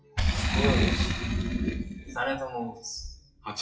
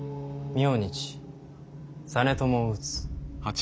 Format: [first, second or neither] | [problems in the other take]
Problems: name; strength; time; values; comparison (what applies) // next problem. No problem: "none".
second | noise reduction (classical method WPE with log-MMSE)